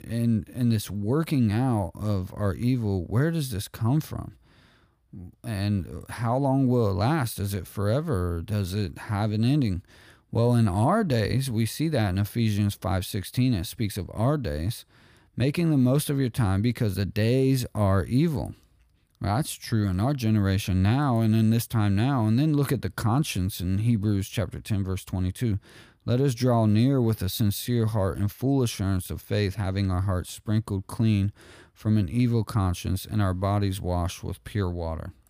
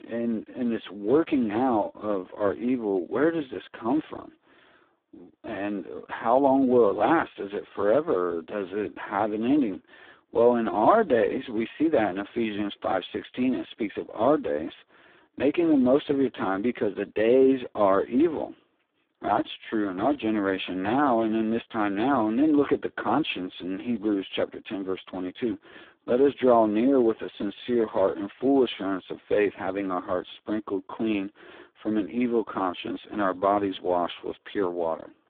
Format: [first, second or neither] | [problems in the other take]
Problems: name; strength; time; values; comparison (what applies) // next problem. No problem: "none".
first | phone-call audio; poor line